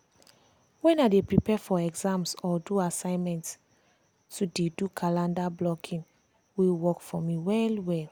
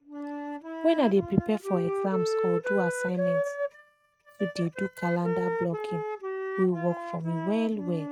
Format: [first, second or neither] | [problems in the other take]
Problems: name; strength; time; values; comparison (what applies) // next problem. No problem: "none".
first | noise reduction (neural mask model RNNoise)